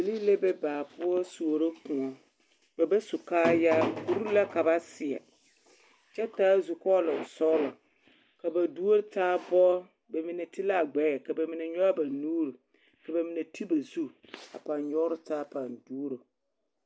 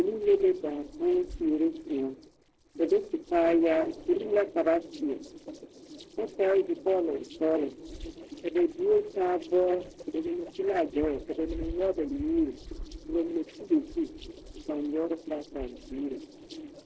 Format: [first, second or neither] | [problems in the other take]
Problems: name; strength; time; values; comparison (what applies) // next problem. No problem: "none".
first | noise reduction (neural separator model SepFormer DNS4)